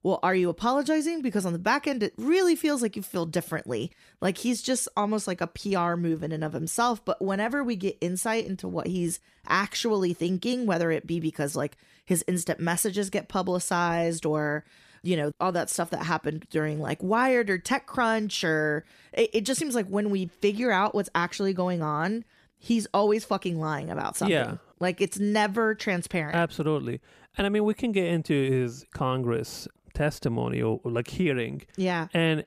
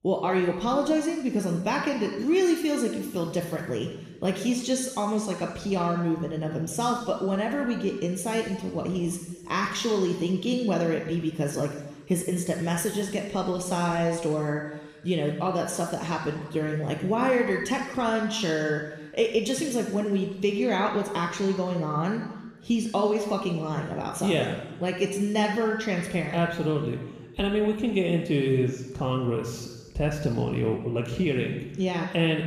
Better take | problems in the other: first | room echo; noticeable; dies away in 1.1 s // off-mic speech; somewhat distant

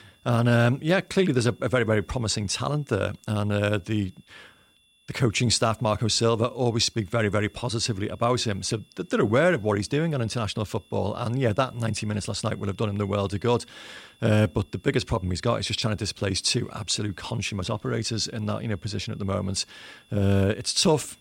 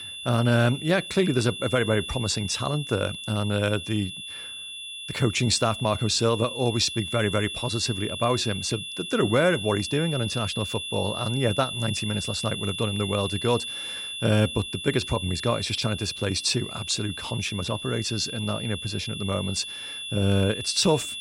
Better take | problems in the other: first | high-pitched whine; loud; throughout; 3.5 kHz, 7 dB below the speech; faint in the first

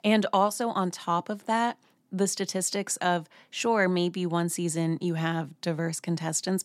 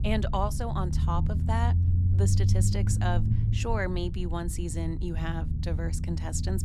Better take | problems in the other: first | low rumble; loud; throughout; 7 dB below the speech

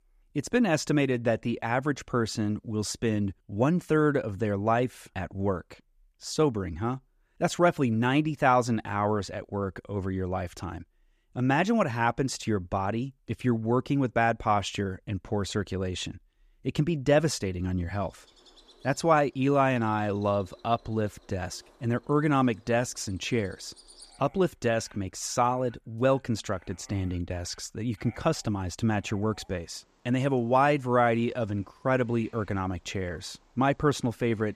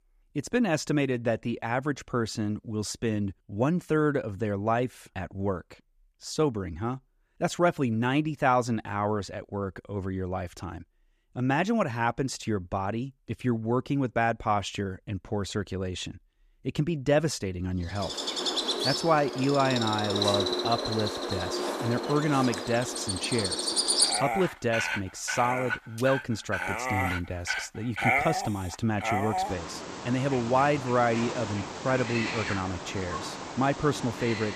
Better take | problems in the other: first | animal sounds; loud; from 18 s on; 1 dB below the speech; faint in the first

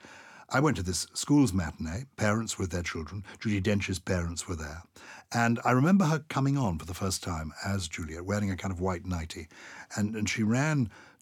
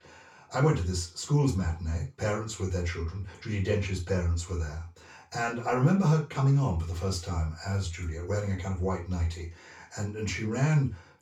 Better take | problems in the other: first | room echo; slight; dies away in 0.2 s // off-mic speech; far

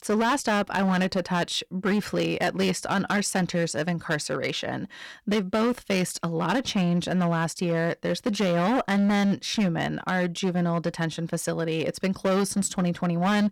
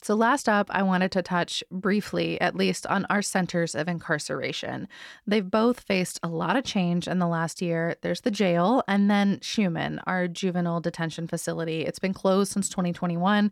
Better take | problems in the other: second | distortion; slight; 11% of the sound clipped

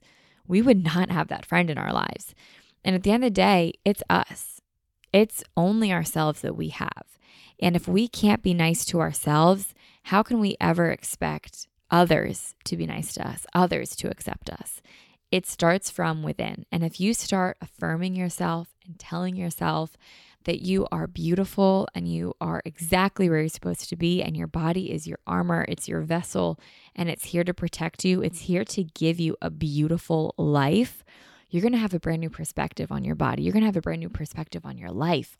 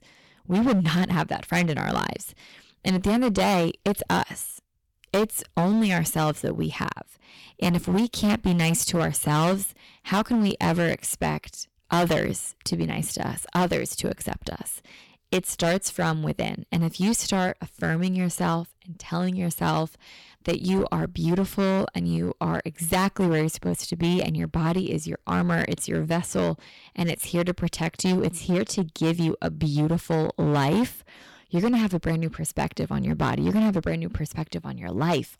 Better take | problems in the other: first | distortion; heavy; 10% of the sound clipped

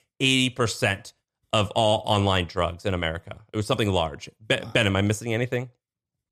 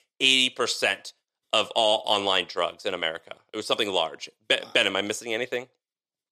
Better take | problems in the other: first | thin; somewhat; fading below 400 Hz

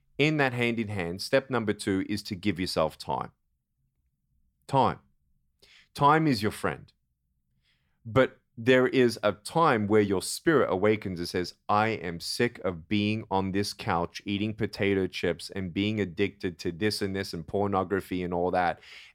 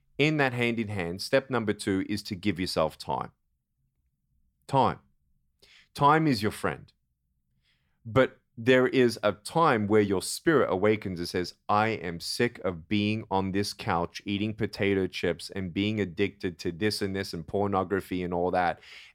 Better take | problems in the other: neither | none

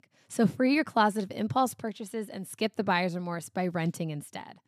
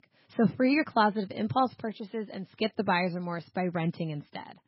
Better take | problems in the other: first | garbled, watery; badly

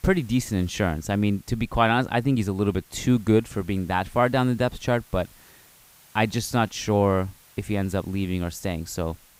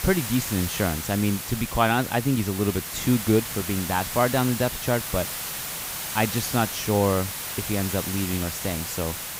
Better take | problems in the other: first | hiss; loud; throughout; 5 dB below the speech; faint in the first

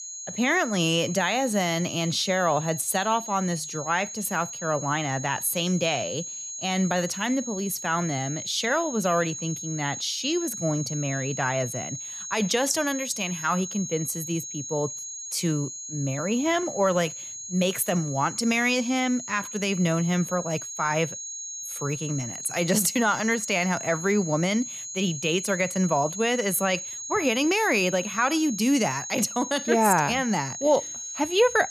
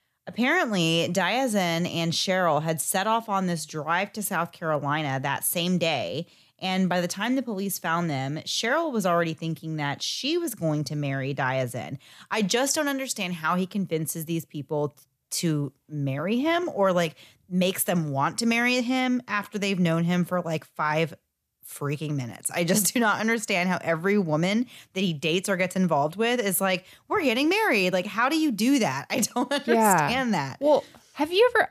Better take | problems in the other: second | high-pitched whine; loud; throughout; 6.5 kHz, 8 dB below the speech

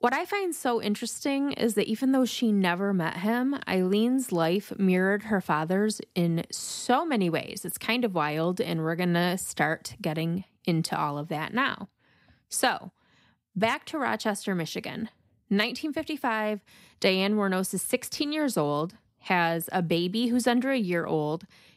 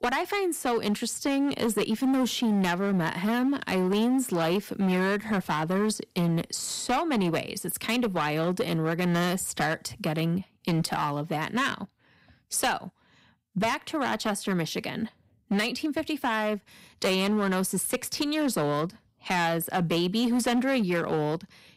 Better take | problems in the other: first | distortion; slight; 12% of the sound clipped

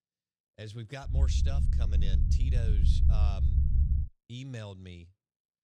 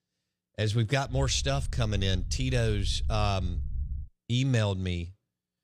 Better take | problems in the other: second | low rumble; loud; from 1 to 4 s; 1 dB below the speech; faint in the second

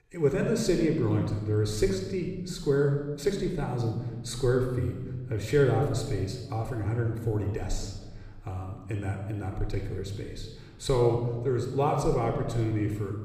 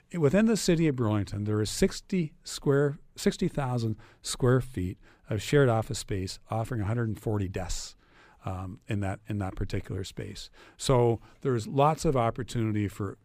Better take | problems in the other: second | off-mic speech; far // room echo; noticeable; dies away in 1.3 s

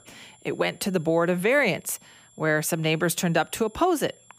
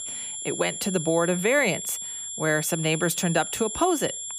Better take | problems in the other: first | high-pitched whine; loud; throughout; 7.5 kHz, 6 dB below the speech; faint in the first

